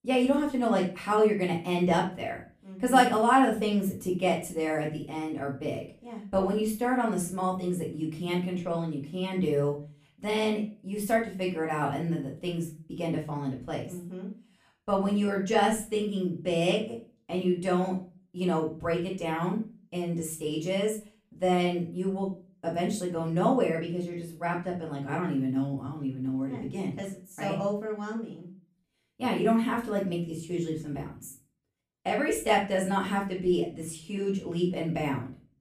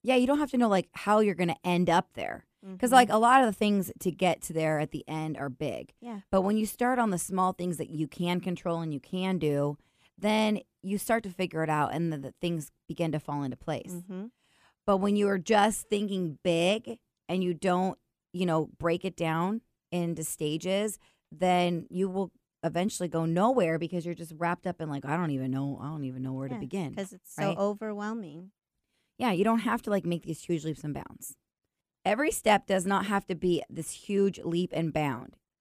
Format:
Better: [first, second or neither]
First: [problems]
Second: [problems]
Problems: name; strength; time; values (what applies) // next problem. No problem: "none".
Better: second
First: room echo; slight; dies away in 0.3 s // off-mic speech; far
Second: none